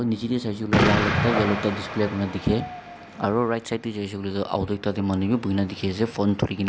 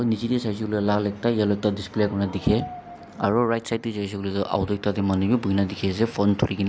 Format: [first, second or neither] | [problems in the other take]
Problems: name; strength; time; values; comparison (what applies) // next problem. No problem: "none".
second | background sound (Explosion); 4 dB below the speech